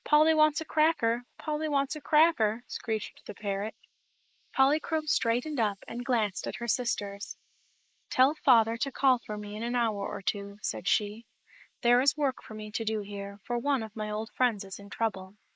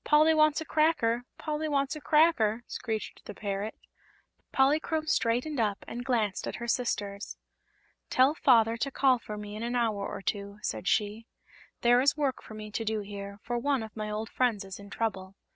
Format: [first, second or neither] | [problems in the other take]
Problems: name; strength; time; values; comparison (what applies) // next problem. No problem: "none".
second | noise reduction (neural mask model Resemble Enhance denoiser)